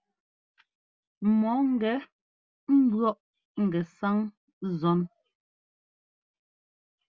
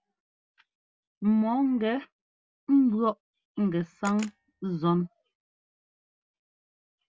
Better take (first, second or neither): first